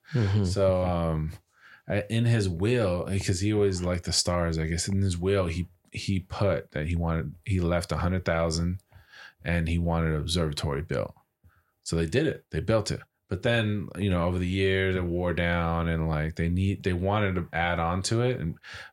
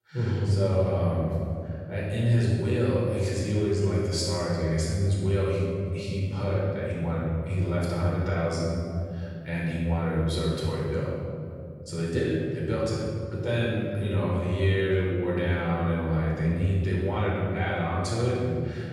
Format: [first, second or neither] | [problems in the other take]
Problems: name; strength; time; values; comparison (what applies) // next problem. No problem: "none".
first | off-mic speech; far // room echo; strong; dies away in 2.6 s